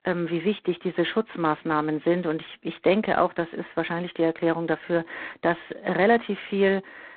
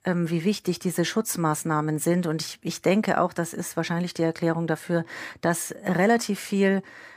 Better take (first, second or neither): second